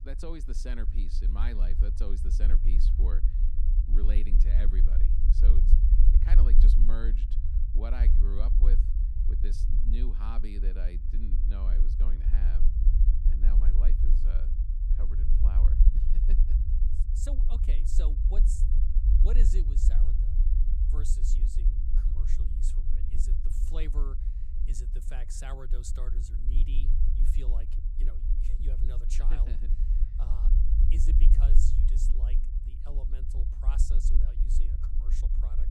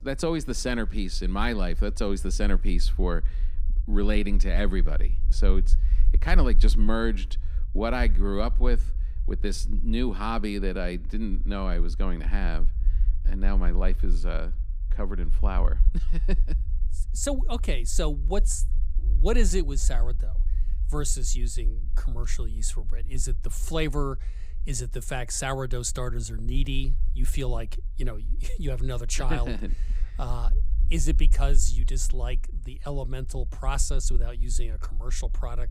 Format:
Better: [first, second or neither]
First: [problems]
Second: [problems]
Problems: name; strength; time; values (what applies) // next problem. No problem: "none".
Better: second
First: low rumble; loud; throughout; 2 dB below the speech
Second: low rumble; faint; throughout; 20 dB below the speech